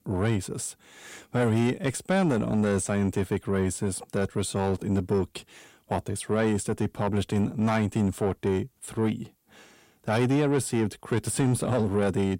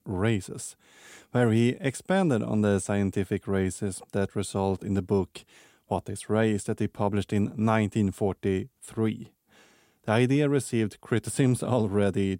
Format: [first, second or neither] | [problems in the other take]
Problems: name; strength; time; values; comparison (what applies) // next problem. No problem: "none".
second | distortion; slight; 10 dB below the speech